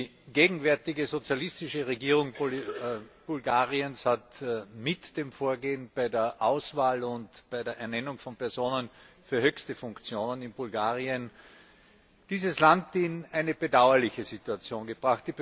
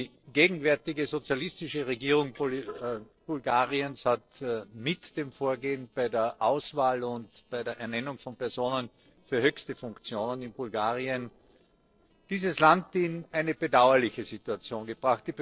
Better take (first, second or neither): first